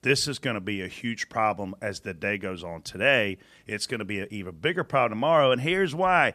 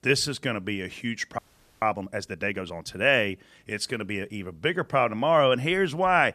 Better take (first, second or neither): first